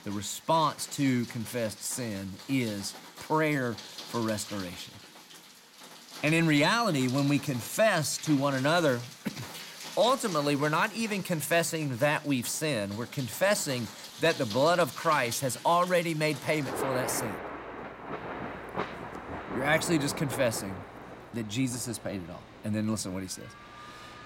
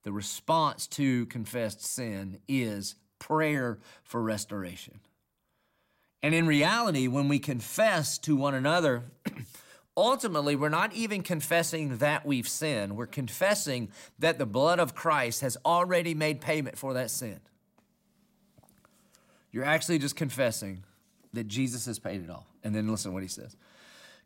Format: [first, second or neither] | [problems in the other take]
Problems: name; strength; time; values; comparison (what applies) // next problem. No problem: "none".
second | rain or running water; noticeable; throughout; 15 dB below the speech